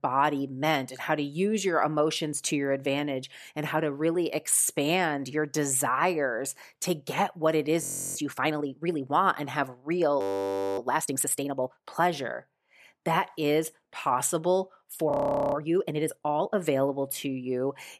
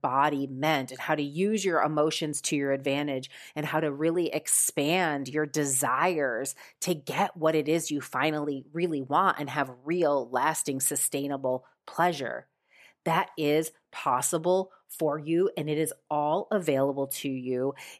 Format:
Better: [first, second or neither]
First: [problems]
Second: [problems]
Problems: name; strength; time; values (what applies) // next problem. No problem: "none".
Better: second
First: audio freezing; at 8 s, at 10 s for 0.5 s and at 15 s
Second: none